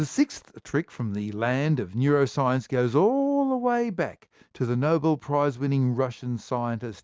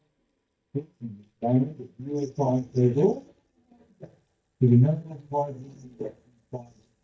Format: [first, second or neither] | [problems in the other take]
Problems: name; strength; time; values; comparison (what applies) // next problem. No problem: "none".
first | noise reduction (neural mask model DeepFilterNet 3)